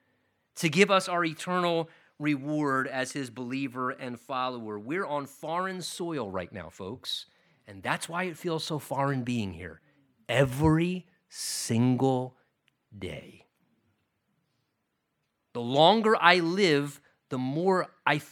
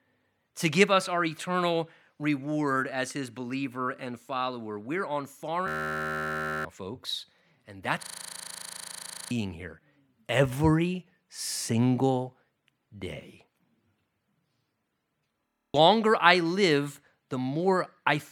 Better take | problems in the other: first | audio freezing; at 5.5 s for 1 s, at 8 s for 1.5 s and at 15 s

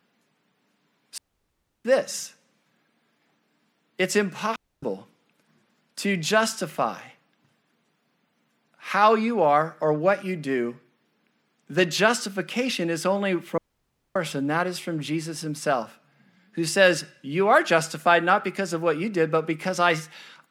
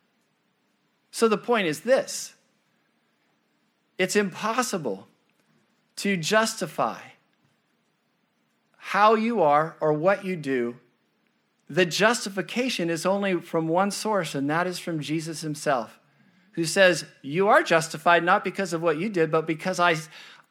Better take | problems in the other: second | audio cutting out; at 1 s for 0.5 s, at 4.5 s and at 14 s for 0.5 s

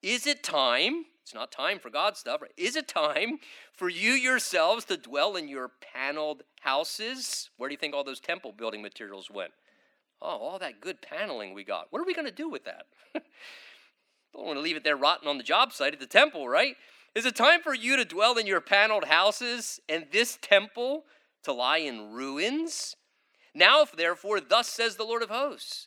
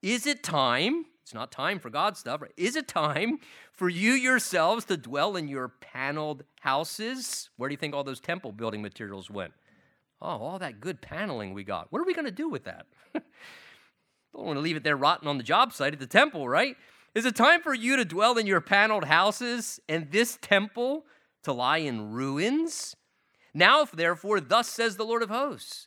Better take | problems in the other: second | thin; very slightly; fading below 250 Hz

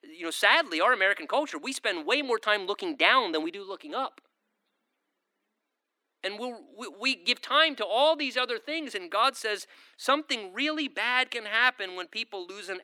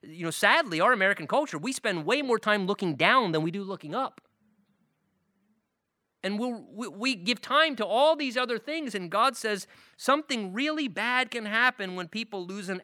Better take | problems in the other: second | thin; very slightly; fading below 300 Hz

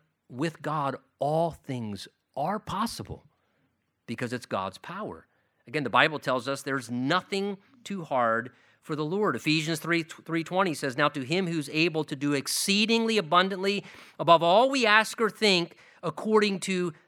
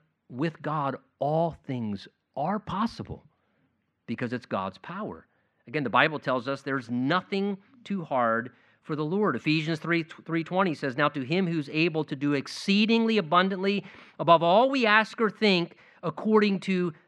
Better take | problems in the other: first | muffled; very slightly; fading above 3.5 kHz

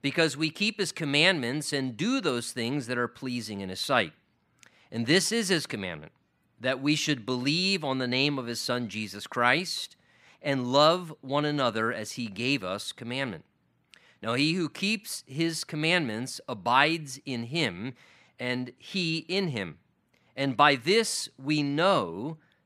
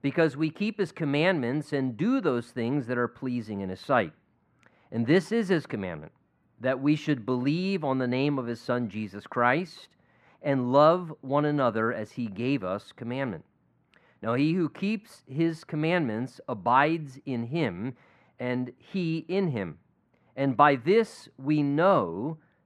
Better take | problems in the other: first | muffled; very; fading above 2.5 kHz

